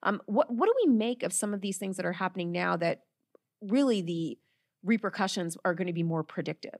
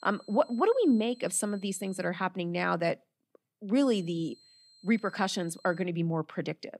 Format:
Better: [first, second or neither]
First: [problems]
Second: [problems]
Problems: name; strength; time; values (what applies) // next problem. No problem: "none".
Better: first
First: none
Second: high-pitched whine; faint; until 2 s and from 4 to 6 s; 4 kHz, 25 dB below the speech